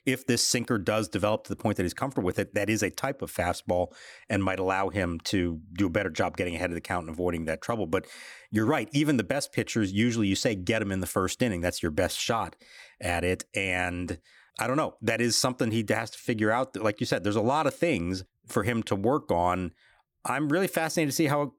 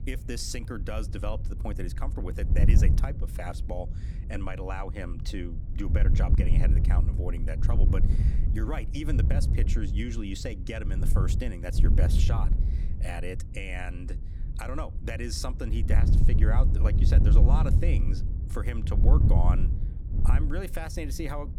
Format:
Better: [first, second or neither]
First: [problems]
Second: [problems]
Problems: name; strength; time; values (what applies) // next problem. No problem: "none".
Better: first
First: none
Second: wind noise on the microphone; heavy; 5 dB below the speech